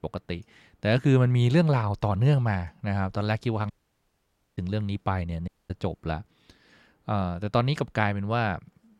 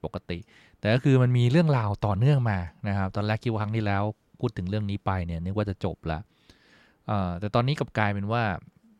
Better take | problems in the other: second | audio cutting out; at 3.5 s for 1 s and at 5.5 s

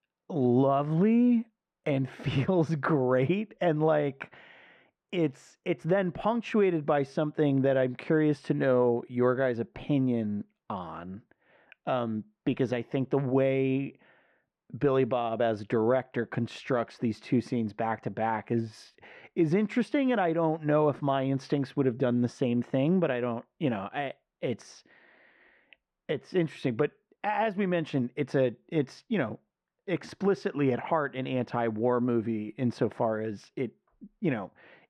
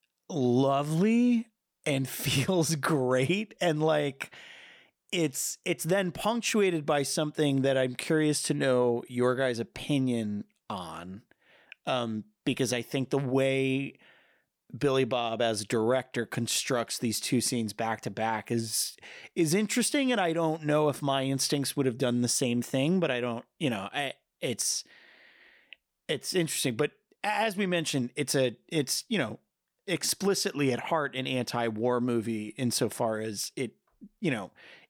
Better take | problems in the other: second | muffled; very; fading above 1.5 kHz

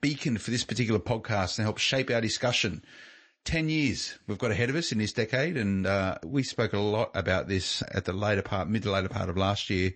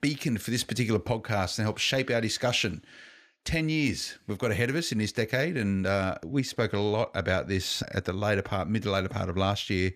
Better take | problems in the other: second | garbled, watery; slightly; nothing above 8 kHz

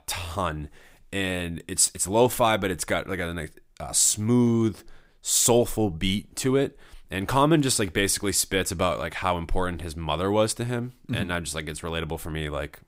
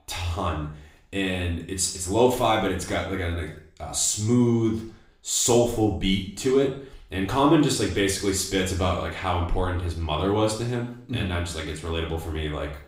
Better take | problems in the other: first | room echo; noticeable; dies away in 0.5 s // off-mic speech; far

